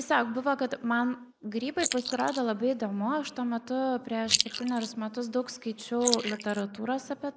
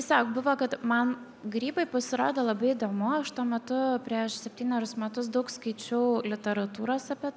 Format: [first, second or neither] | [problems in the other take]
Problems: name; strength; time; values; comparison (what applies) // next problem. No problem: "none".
second | noise reduction (neural mask model Resemble Enhance denoiser)